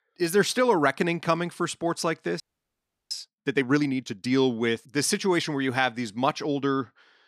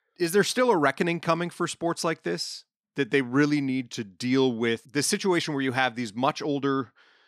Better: second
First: audio freezing; at 2.5 s for 0.5 s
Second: none

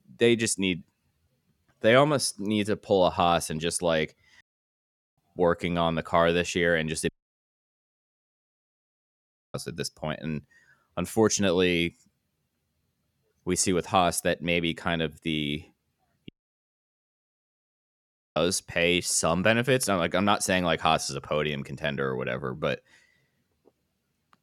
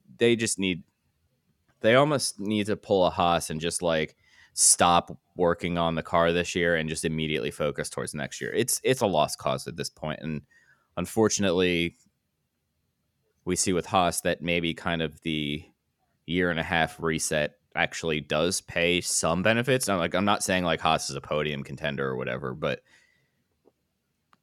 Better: second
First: audio cutting out; at 4.5 s for 1 s, at 7 s for 2.5 s and at 16 s for 2 s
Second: none

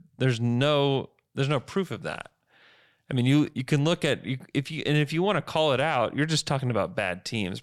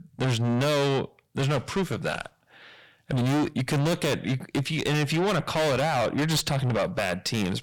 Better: first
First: none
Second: distortion; heavy; 6 dB below the speech

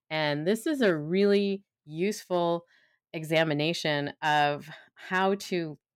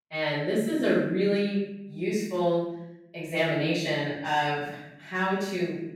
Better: first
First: none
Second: off-mic speech; far // room echo; strong; dies away in 0.8 s

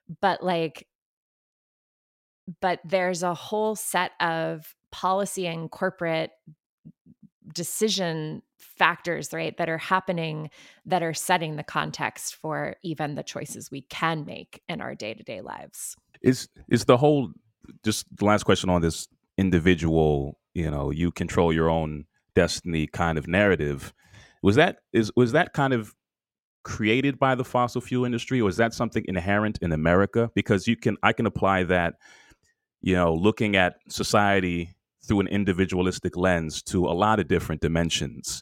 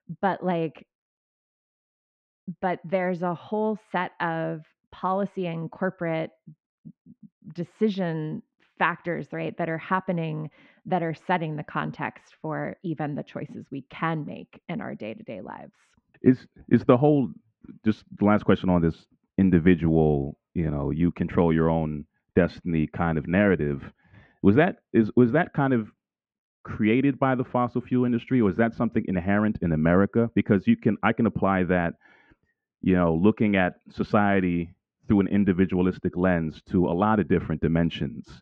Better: first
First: none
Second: muffled; very; fading above 2.5 kHz

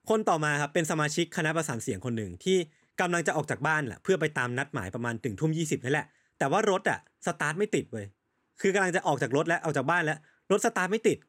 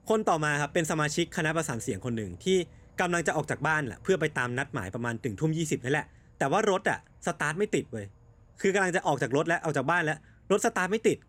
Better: first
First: none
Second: animal sounds; faint; throughout; 25 dB below the speech

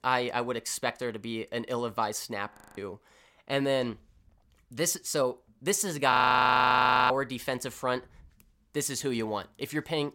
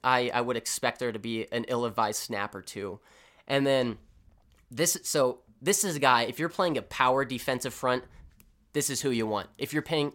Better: second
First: audio freezing; at 2.5 s and at 6 s for 1 s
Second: none

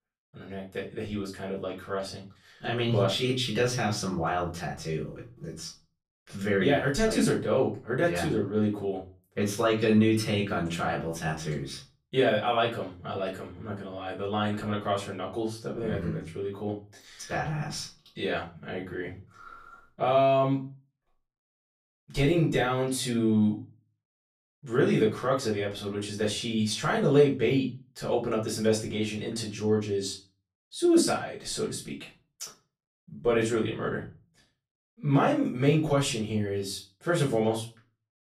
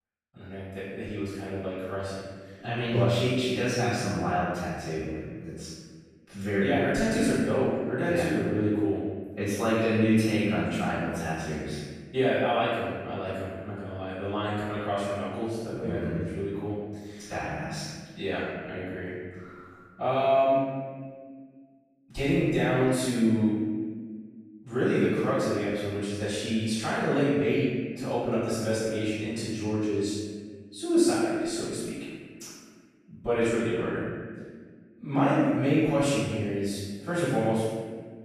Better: first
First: room echo; slight; dies away in 0.3 s // off-mic speech; far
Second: room echo; strong; dies away in 1.6 s // off-mic speech; far

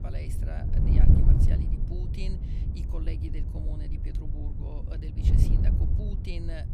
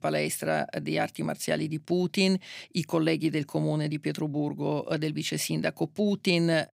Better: second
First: wind noise on the microphone; heavy; 4 dB above the speech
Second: none

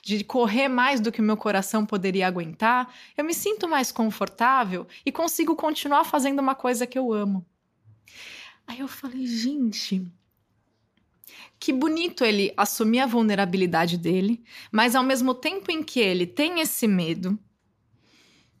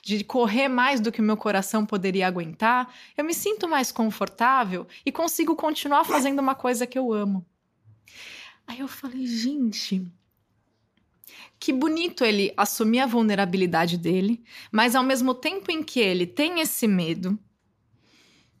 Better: first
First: none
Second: dog barking; noticeable; at 6 s; peak 6 dB below the speech

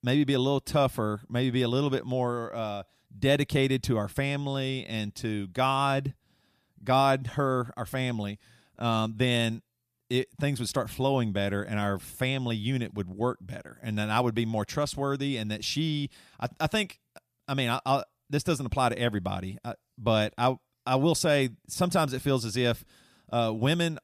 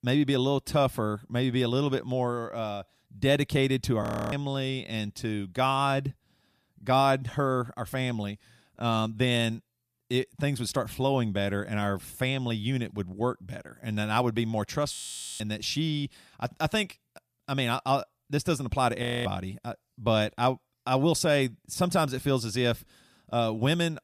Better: first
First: none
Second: audio freezing; at 4 s, at 15 s and at 19 s

